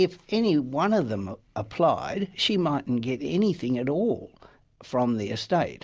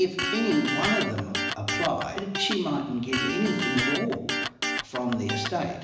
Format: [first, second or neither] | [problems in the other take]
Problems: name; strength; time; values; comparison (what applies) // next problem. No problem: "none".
first | background sound (Electric guitar); 2 dB below the speech // room echo; dies away in 1 s